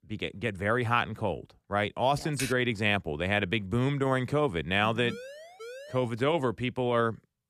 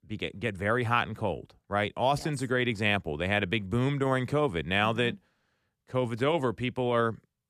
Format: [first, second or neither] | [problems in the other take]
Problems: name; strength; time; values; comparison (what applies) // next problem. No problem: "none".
second | keyboard typing; noticeable; at 2.5 s; peak 7 dB below the speech // siren; faint; from 5 to 6 s; peak 15 dB below the speech